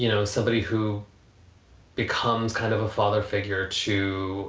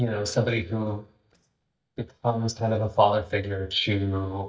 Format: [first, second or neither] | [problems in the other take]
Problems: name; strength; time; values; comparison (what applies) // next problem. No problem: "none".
first | noise reduction (neural mask model DeepFilterNet 3)